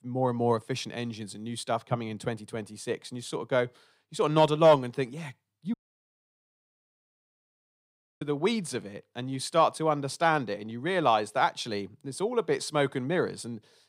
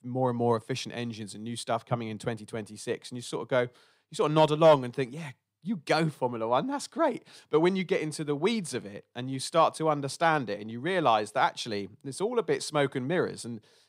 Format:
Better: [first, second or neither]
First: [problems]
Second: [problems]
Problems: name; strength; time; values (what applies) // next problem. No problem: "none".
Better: second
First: audio cutting out; at 5.5 s for 2.5 s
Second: none